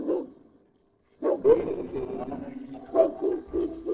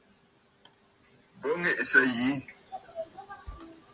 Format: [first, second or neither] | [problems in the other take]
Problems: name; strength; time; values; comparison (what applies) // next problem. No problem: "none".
second | noise reduction (neural separator model SepFormer DNS4)